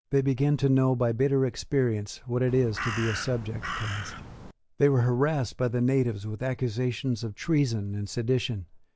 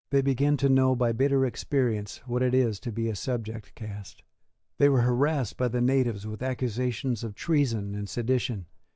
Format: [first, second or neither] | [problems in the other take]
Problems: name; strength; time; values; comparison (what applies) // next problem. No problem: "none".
second | background sound (Crow); 9 dB below the speech